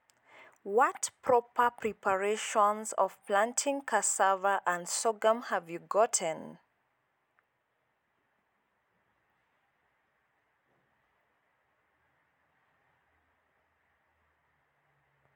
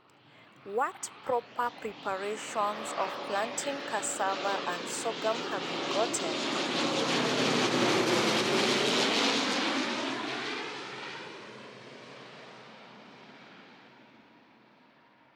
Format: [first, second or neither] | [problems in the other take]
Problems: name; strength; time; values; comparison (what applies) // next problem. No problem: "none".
first | background sound (Aircraft); 5 dB above the speech